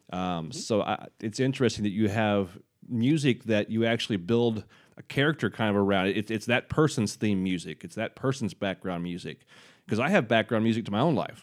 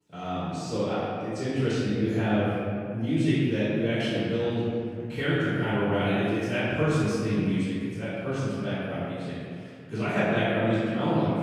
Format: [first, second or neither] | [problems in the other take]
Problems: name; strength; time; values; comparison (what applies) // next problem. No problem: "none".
first | off-mic speech; far // room echo; strong; dies away in 2.3 s